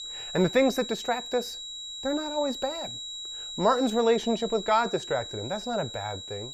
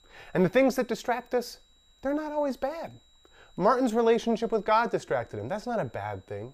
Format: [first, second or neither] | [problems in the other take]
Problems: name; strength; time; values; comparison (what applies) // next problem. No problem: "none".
second | high-pitched whine; loud; throughout; 4 kHz, 8 dB below the speech; faint in the second